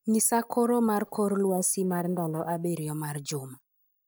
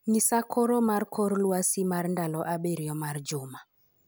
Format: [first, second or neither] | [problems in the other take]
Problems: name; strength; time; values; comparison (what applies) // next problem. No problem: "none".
second | noise reduction (neural mask model DeepFilterNet 3)